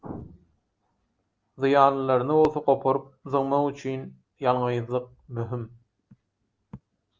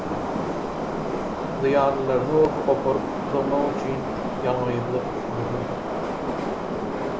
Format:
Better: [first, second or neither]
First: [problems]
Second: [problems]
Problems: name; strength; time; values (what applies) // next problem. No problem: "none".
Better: first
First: none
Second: background sound (Subway, metro, underground); 1 dB below the speech // room echo; dies away in 1.4 s